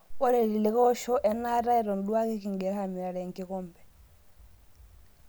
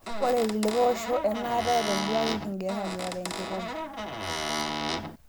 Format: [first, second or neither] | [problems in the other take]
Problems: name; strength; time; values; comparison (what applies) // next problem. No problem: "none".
first | background sound (Squeak / Cupboard open or close); 4 dB below the speech